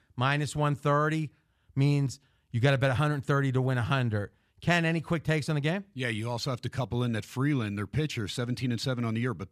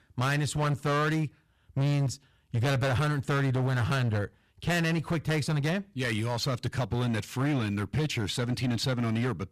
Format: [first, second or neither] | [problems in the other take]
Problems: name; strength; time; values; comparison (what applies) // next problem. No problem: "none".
first | distortion; heavy; 18% of the sound clipped